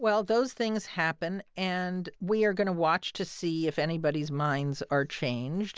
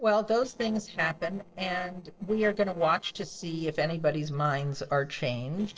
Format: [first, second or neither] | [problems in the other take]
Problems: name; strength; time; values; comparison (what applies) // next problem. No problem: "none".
first | noise reduction (neural separator model SepFormer DNS4)